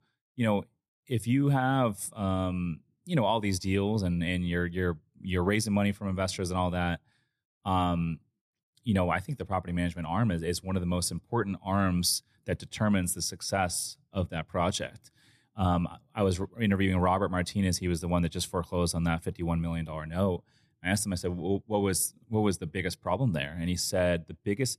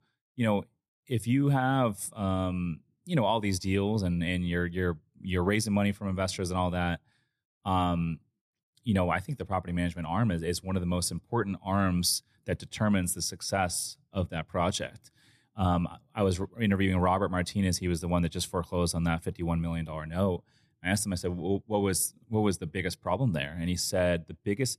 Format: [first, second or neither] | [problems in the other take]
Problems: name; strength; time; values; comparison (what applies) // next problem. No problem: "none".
neither | none